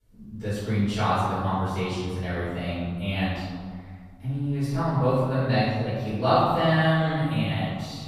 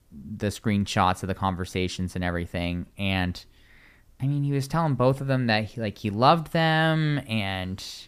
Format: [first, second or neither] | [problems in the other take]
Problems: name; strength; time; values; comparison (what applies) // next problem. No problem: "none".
second | off-mic speech; far // room echo; strong; dies away in 1.7 s